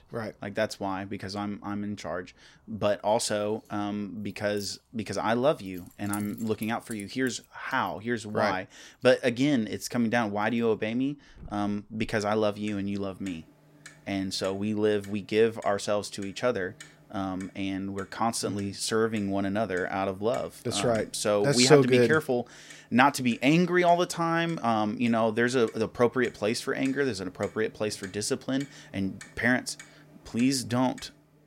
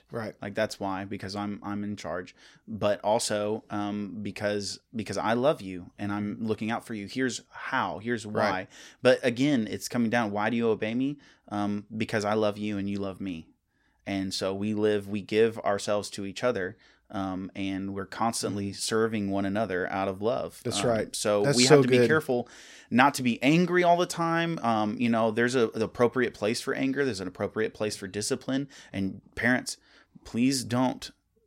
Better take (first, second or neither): second